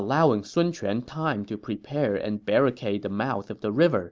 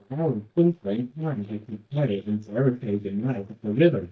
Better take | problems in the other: first | noise reduction (neural mask model DeepFilterNet 3)

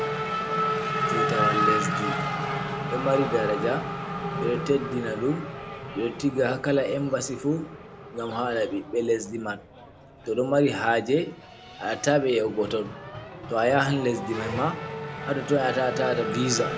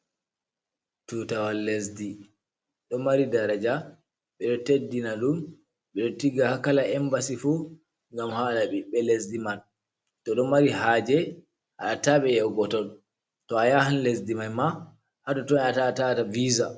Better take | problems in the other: second | background sound (Race car, auto racing / Accelerating, revving, vroom); 4 dB below the speech

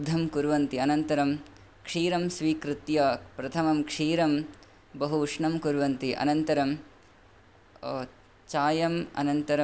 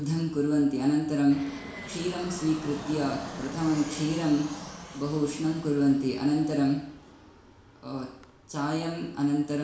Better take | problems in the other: first | background sound (Fixed-wing aircraft, airplane); 15 dB below the speech // room echo; dies away in 0.7 s

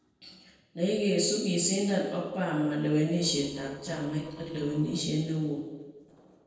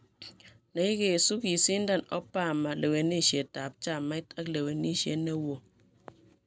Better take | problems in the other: second | noise reduction (neural separator model SepFormer DNS4)

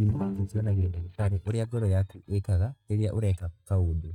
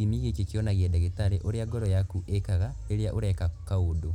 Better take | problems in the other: second | noise reduction (neural mask model DeepFilterNet 3)

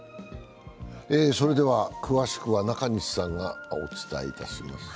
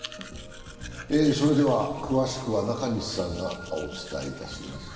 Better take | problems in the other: first | background sound (Domestic sounds, home sounds); 17 dB below the speech // room echo; dies away in 2.1 s

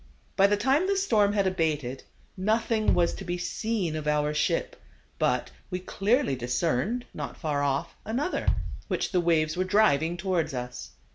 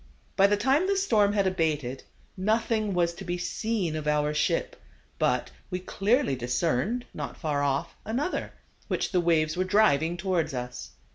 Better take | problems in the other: second | background sound (Bass drum); 5 dB below the speech

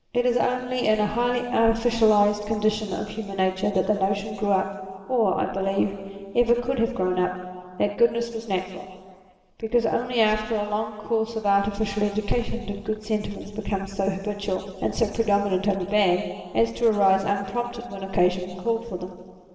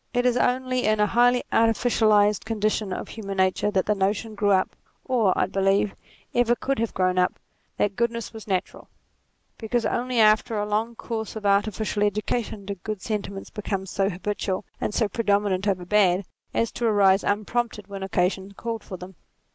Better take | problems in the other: second | room echo; dies away in 1.8 s

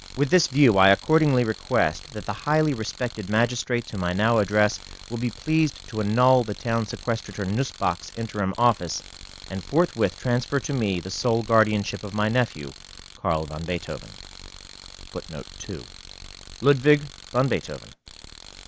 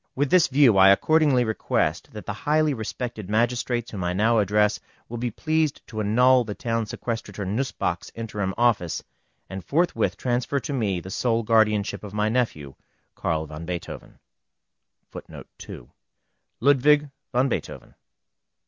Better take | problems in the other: second | background sound (Tools); 18 dB below the speech

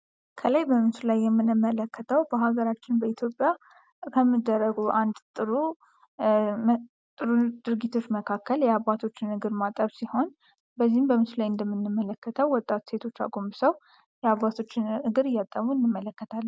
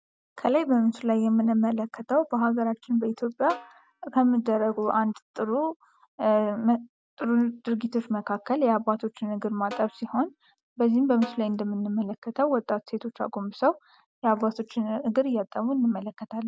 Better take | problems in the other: first | background sound (Snare drum); 20 dB below the speech

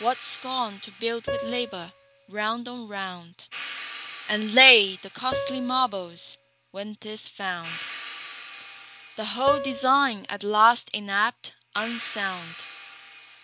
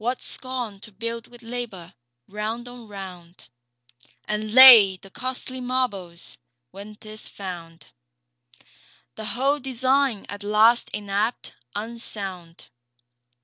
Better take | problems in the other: second | background sound (Hi-hat + Piano); 12 dB below the speech

